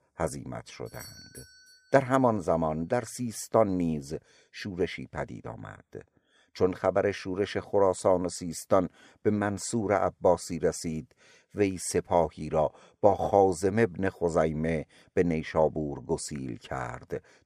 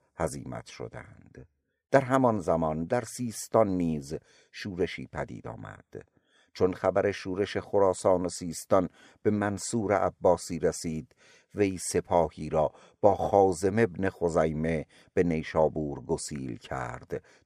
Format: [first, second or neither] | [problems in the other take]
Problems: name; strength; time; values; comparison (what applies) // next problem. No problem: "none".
second | doorbell; faint; from 1 to 2 s; peak 15 dB below the speech